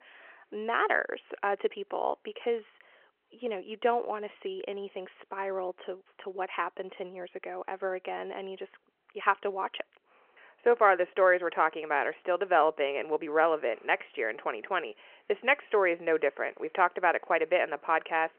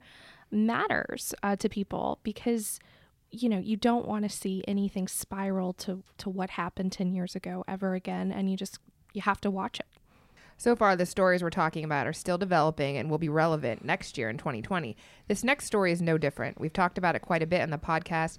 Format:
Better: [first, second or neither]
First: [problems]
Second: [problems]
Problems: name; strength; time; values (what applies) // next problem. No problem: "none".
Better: second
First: phone-call audio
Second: none